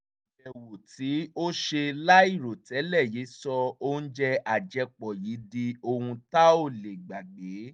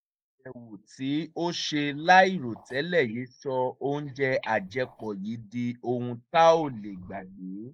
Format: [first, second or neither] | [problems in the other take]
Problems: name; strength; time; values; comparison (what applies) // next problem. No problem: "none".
first | noise reduction (neural mask model Resemble Enhance denoiser)